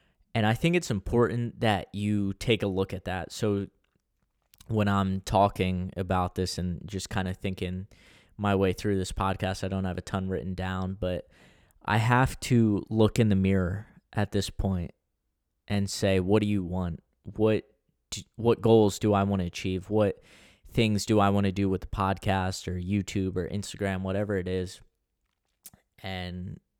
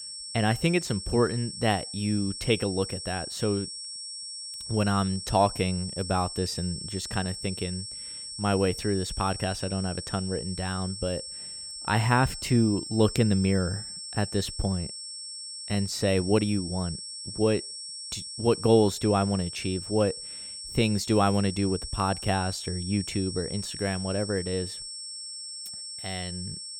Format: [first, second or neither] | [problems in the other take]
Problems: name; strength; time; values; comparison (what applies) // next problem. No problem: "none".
first | high-pitched whine; loud; throughout; 5.5 kHz, 8 dB below the speech